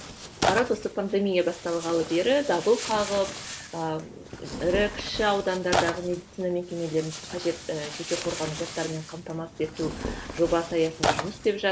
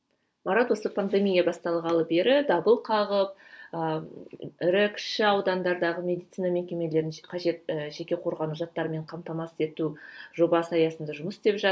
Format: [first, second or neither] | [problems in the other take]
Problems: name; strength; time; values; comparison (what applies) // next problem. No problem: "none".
second | background sound (Tearing); 6 dB below the speech